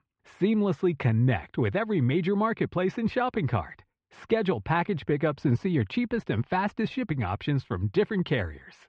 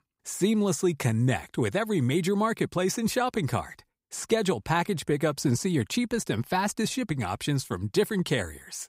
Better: second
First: muffled; very; fading above 3 kHz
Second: none

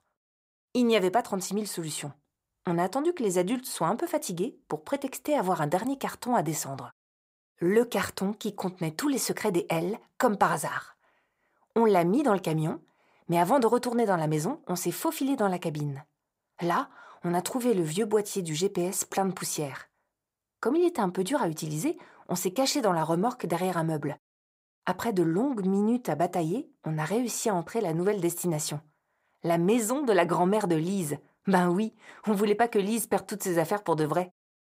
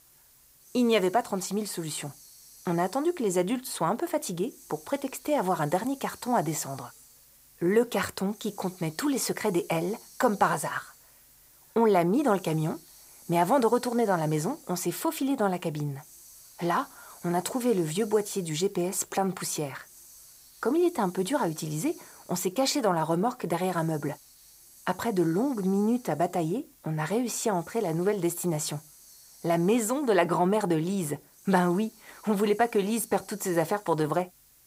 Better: first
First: none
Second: hiss; faint; throughout; 20 dB below the speech

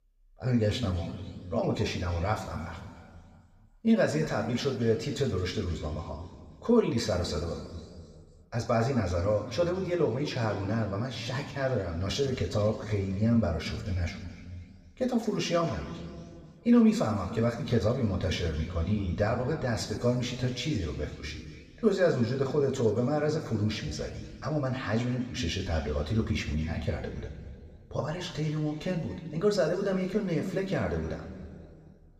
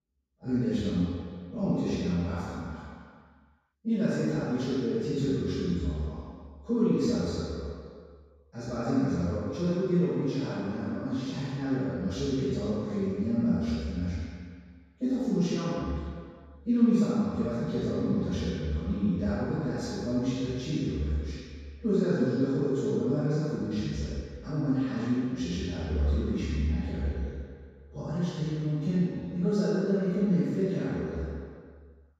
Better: first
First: room echo; slight; dies away in 2.2 s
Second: room echo; strong; dies away in 1.8 s // off-mic speech; far

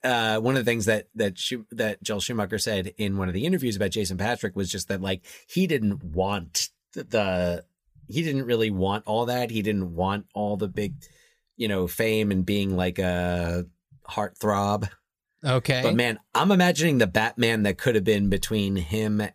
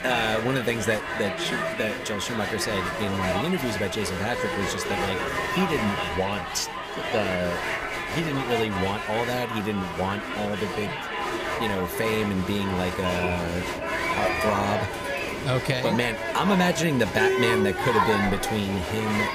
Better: first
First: none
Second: crowd noise; loud; throughout; 1 dB below the speech

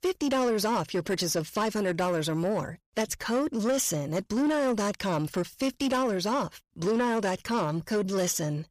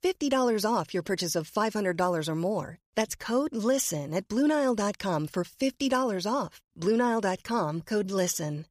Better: second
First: distortion; slight; 10 dB below the speech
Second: none

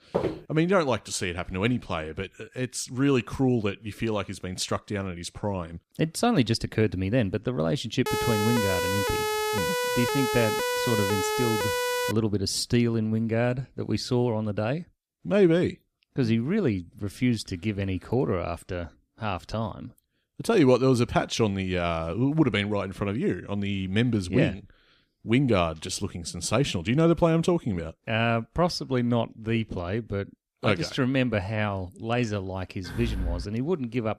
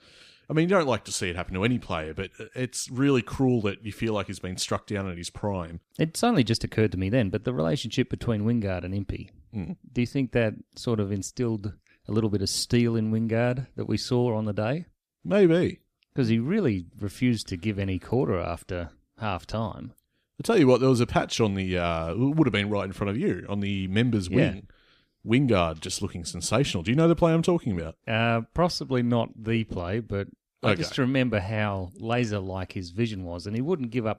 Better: second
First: footsteps; noticeable; at the start; peak 3 dB below the speech // siren; loud; from 8 to 12 s; peak level with the speech // door banging; noticeable; at 33 s; peak 6 dB below the speech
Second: none

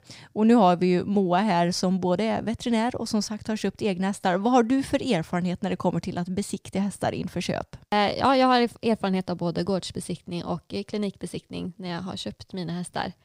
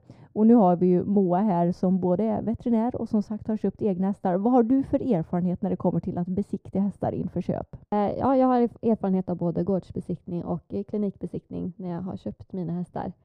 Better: first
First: none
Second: muffled; very; fading above 1.5 kHz

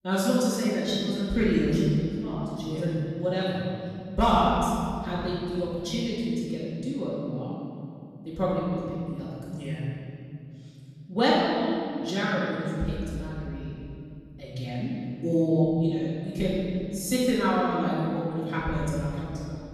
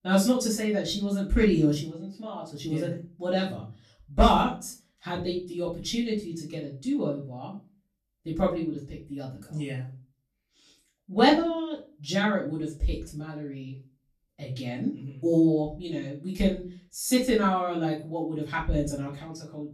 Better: second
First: room echo; strong; dies away in 2.7 s // off-mic speech; far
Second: room echo; slight; dies away in 0.3 s // off-mic speech; far

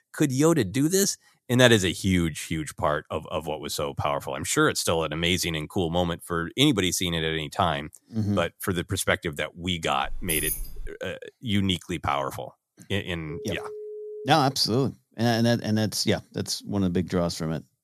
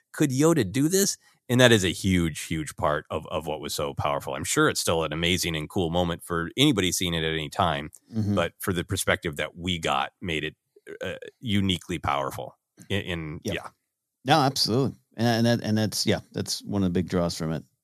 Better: second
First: jangling keys; noticeable; at 10 s; peak 1 dB below the speech // phone ringing; faint; from 13 to 14 s; peak 10 dB below the speech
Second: none

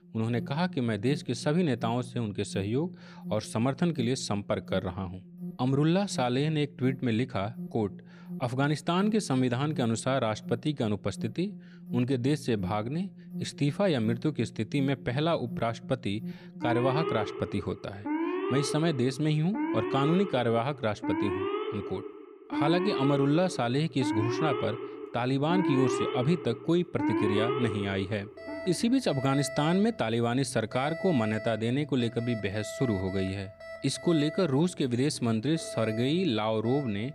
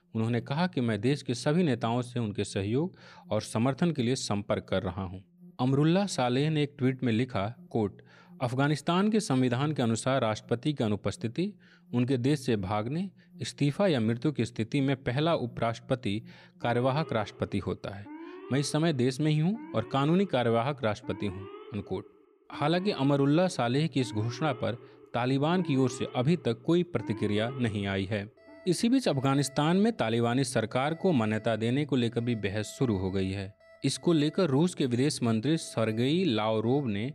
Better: second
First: alarms or sirens; loud; throughout; 7 dB below the speech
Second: alarms or sirens; faint; throughout; 20 dB below the speech

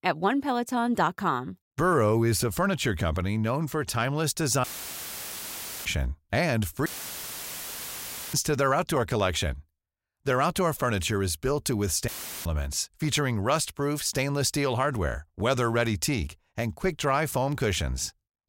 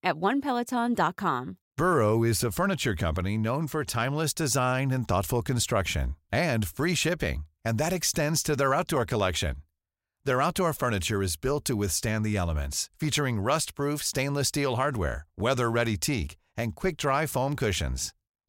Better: second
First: audio cutting out; filled with static; at 4.5 s for 1 s, at 7 s for 1.5 s and at 12 s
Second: none

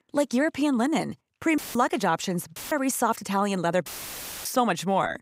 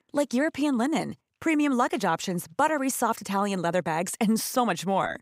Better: second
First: audio cutting out; filled with static; at 1.5 s, at 2.5 s and at 4 s for 0.5 s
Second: none

